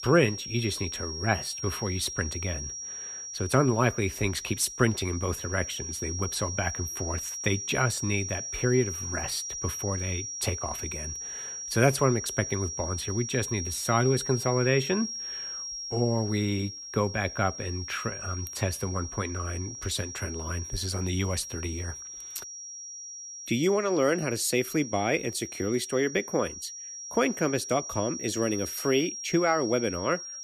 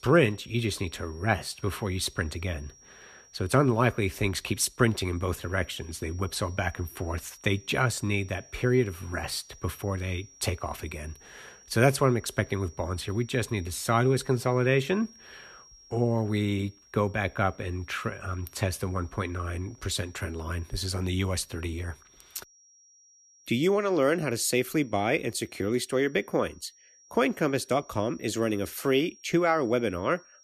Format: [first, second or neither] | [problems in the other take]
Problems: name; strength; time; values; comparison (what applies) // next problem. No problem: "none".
second | high-pitched whine; loud; throughout; 5.5 kHz, 6 dB below the speech; faint in the second